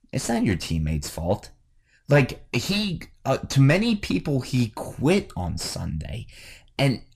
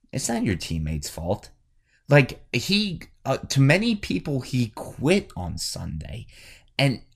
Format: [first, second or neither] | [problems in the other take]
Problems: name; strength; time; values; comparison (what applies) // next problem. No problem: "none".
second | distortion; slight; 10 dB below the speech